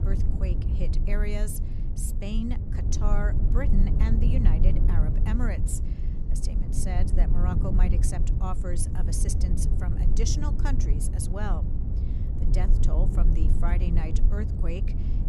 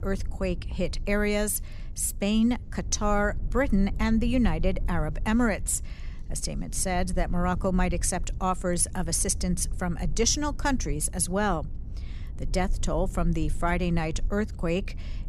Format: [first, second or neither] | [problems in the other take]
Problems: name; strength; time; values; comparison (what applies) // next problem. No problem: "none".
second | low rumble; loud; throughout; 4 dB below the speech; faint in the second